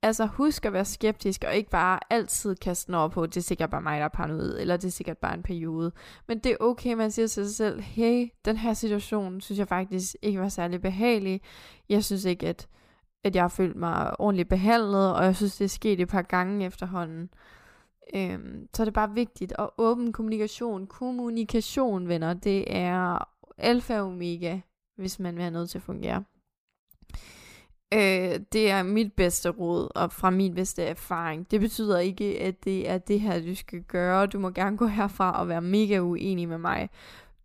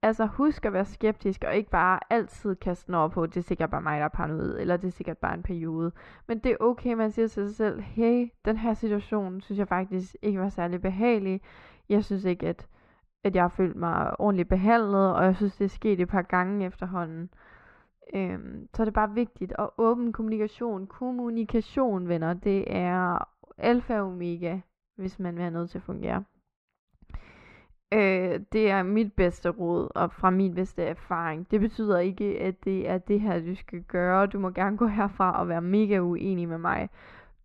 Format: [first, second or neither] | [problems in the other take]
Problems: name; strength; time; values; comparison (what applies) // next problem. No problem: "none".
first | muffled; very; fading above 2 kHz